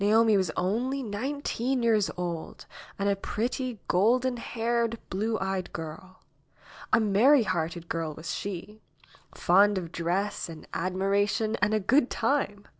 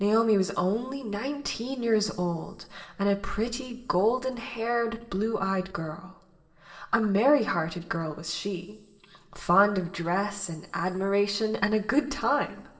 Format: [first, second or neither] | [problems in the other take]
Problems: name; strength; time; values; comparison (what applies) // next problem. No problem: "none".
first | room echo; dies away in 2 s